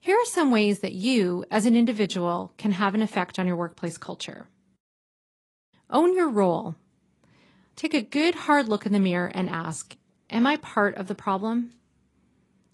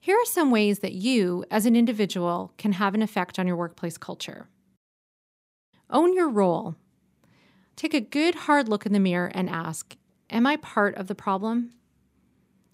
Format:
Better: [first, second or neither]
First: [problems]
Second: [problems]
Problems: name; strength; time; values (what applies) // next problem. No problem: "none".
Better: second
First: garbled, watery; slightly; nothing above 11.5 kHz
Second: none